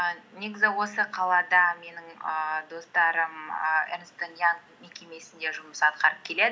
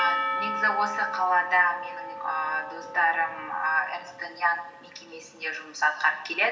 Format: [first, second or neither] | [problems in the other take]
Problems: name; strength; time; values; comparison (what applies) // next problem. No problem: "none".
first | background sound (Percussion); 7 dB below the speech // room echo; dies away in 0.9 s